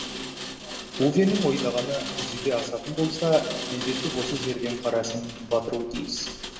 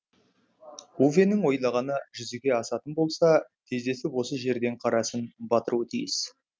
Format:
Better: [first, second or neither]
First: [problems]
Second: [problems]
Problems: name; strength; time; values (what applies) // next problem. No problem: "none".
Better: second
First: background sound (Rain); 8 dB below the speech // room echo; dies away in 1.1 s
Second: none